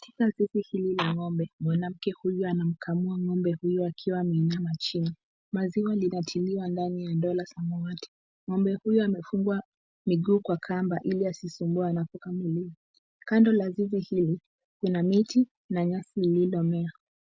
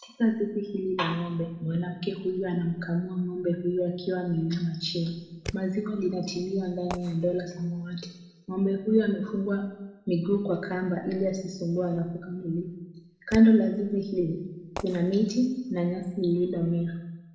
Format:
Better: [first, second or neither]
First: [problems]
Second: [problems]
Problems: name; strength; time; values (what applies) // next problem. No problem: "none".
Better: first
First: none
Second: background sound (Fireworks); 16 dB below the speech // room echo; dies away in 0.9 s